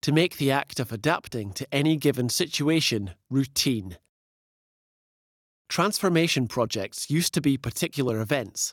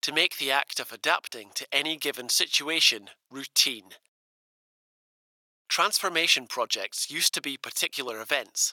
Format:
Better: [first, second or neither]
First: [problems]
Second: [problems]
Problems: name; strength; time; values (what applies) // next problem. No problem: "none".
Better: first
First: none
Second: thin; very; fading below 750 Hz